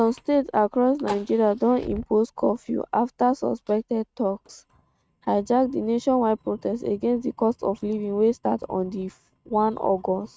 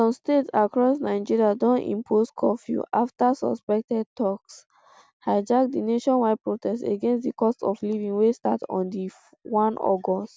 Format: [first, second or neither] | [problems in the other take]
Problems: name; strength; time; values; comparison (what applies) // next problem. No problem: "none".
second | noise reduction (neural mask model RNNoise)